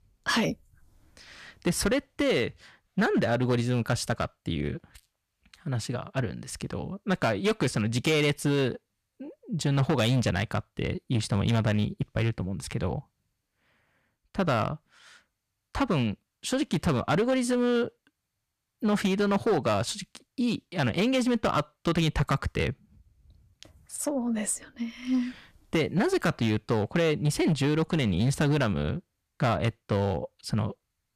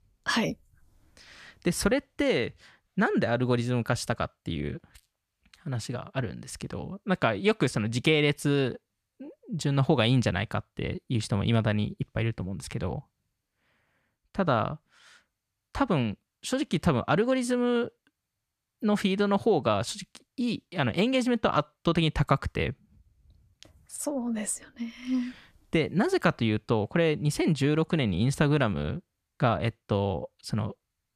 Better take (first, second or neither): second